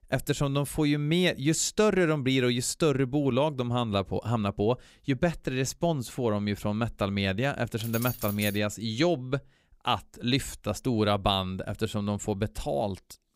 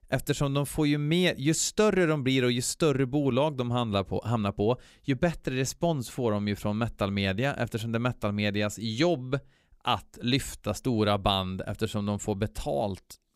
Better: second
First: jangling keys; noticeable; at 8 s; peak 7 dB below the speech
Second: none

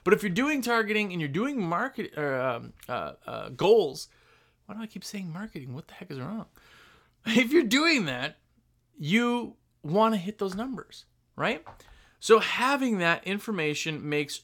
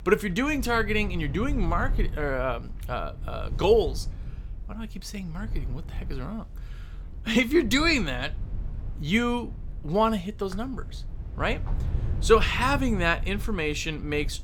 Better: first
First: none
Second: low rumble; faint; throughout; 25 dB below the speech

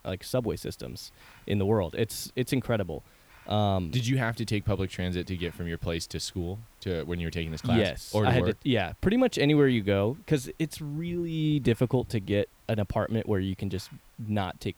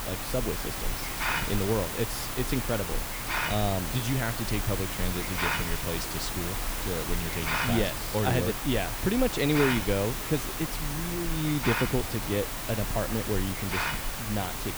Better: first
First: hiss; faint; throughout; 30 dB below the speech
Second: hiss; loud; throughout; 1 dB below the speech

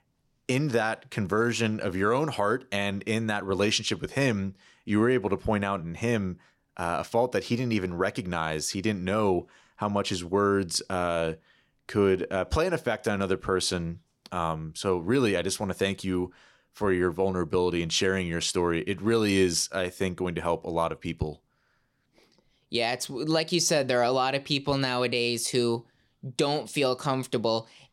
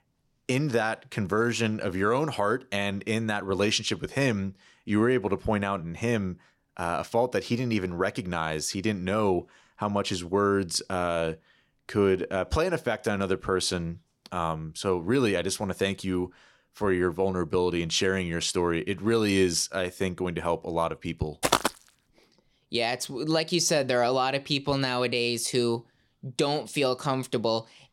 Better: first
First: none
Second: footsteps; loud; at 21 s; peak 2 dB above the speech

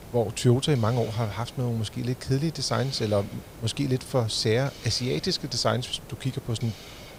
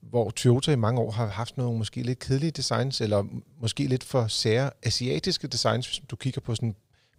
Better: second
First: hiss; noticeable; throughout; 15 dB below the speech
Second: none

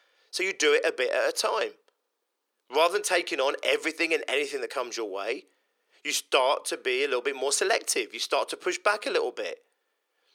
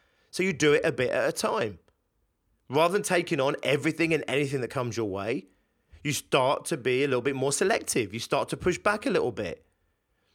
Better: second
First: thin; very; fading below 400 Hz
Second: none

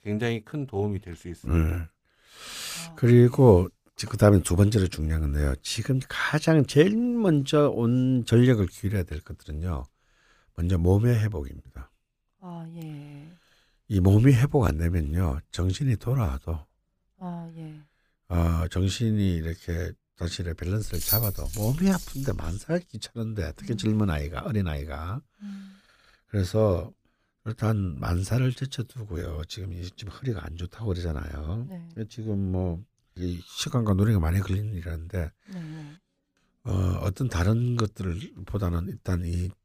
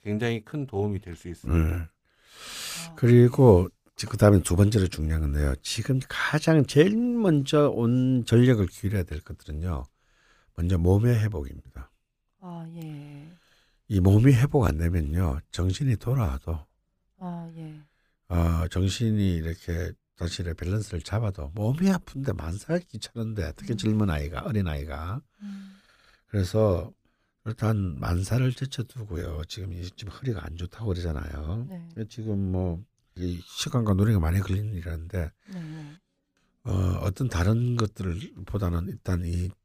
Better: second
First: jangling keys; loud; from 21 to 23 s; peak 1 dB above the speech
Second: none

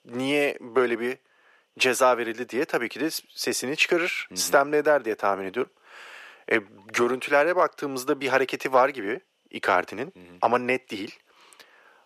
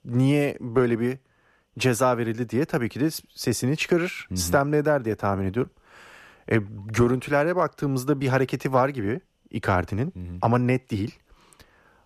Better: second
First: thin; somewhat; fading below 450 Hz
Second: none

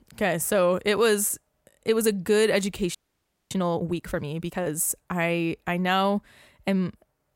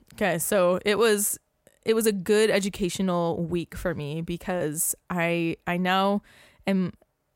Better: second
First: audio freezing; at 3 s for 0.5 s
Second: none

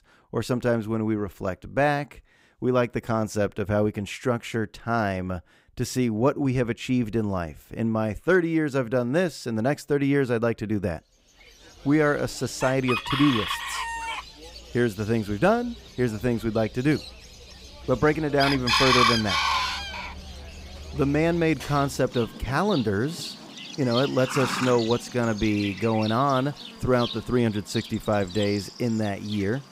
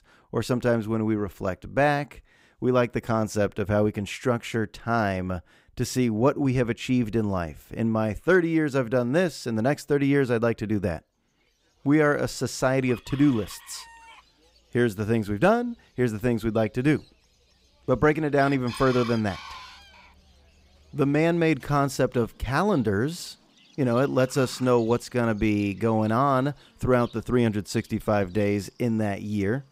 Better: second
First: animal sounds; loud; from 11 s on; 4 dB below the speech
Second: animal sounds; faint; from 11 s on; 20 dB below the speech

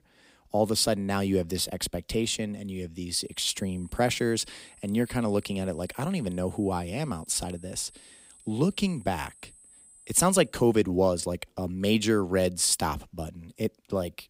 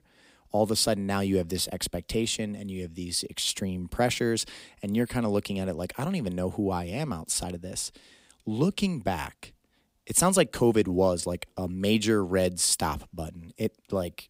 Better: second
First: high-pitched whine; faint; from 3 to 10 s; 8 kHz, 25 dB below the speech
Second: none

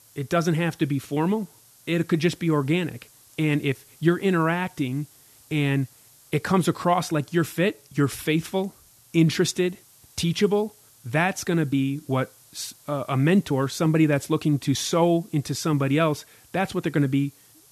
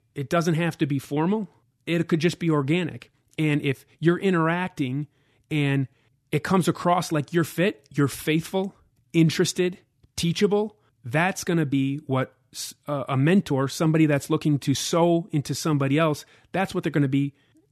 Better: second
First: hiss; faint; throughout; 25 dB below the speech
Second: none

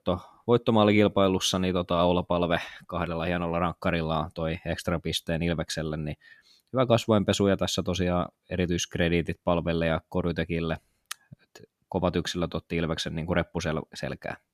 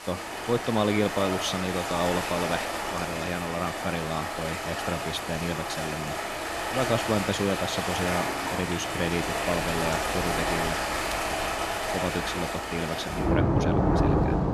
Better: first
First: none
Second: rain or running water; very loud; throughout; 2 dB above the speech

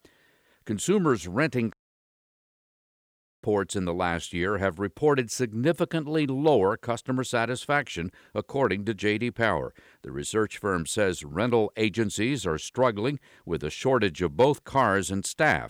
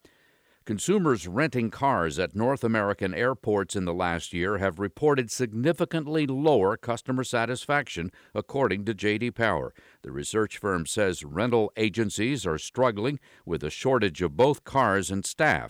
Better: second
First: audio cutting out; at 1.5 s for 1.5 s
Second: none

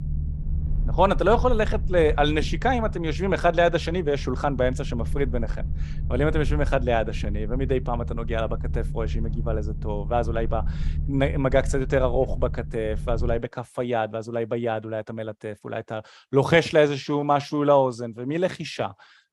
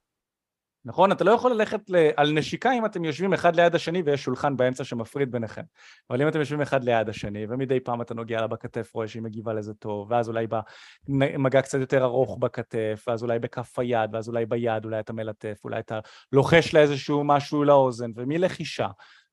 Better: second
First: low rumble; faint; until 13 s; 20 dB below the speech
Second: none

